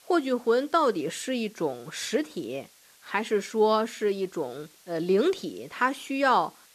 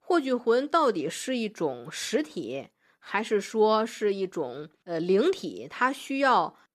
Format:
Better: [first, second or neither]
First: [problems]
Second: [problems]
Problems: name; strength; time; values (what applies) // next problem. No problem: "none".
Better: second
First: hiss; faint; throughout; 25 dB below the speech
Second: none